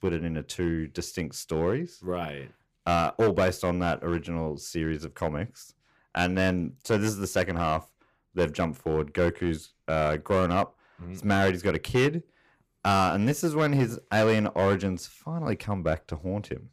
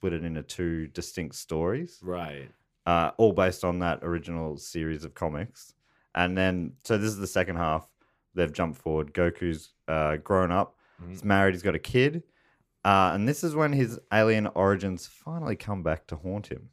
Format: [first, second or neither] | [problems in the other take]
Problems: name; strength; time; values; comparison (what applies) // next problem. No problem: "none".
second | distortion; slight; 4% of the sound clipped